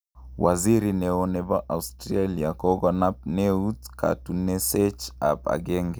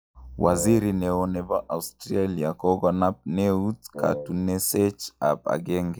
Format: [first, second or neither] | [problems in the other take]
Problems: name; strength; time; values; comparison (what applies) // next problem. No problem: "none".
first | noise reduction (classical method log-MMSE)